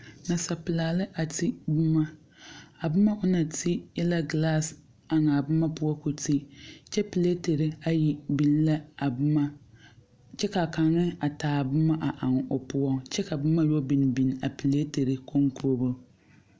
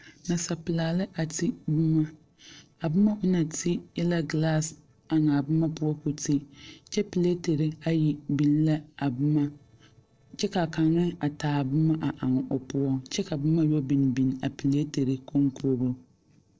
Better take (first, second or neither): first